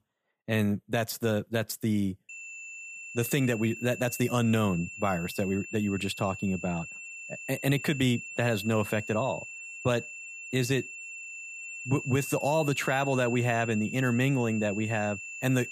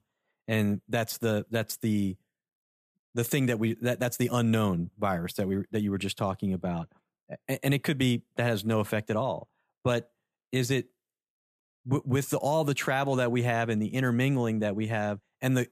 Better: second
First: high-pitched whine; loud; from 2.5 s on; 2.5 kHz, 10 dB below the speech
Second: none

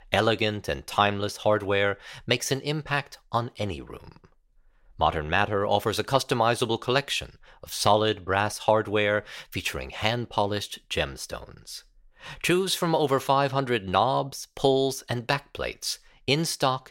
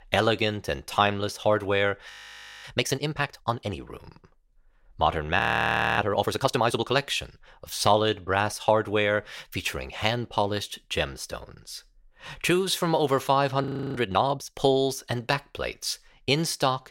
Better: first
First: none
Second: audio freezing; at 2 s for 0.5 s, at 5.5 s for 0.5 s and at 14 s

